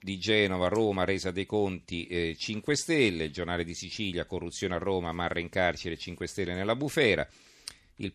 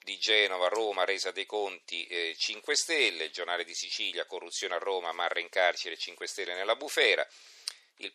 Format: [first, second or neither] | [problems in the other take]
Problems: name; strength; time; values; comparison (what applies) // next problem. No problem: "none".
first | thin; very; fading below 500 Hz